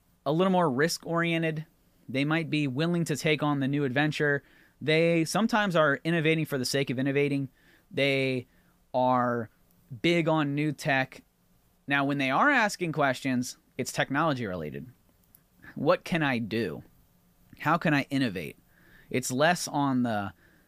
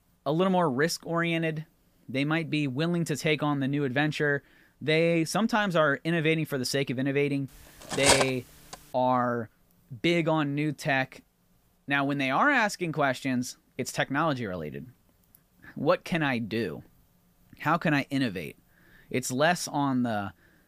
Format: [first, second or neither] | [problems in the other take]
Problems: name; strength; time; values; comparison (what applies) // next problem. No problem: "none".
first | clattering dishes; loud; at 8 s; peak 5 dB above the speech